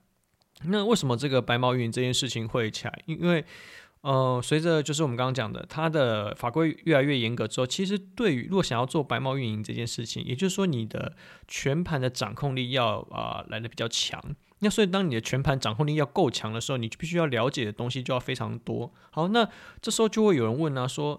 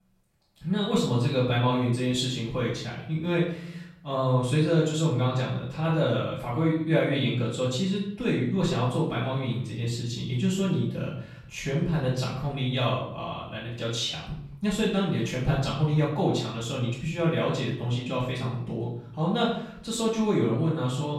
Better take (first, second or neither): first